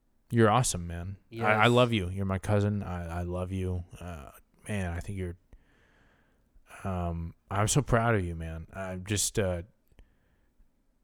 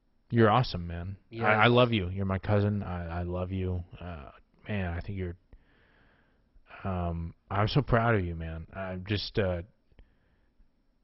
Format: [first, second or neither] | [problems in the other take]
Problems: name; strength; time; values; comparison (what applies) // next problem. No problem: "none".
first | garbled, watery; badly; nothing above 5.5 kHz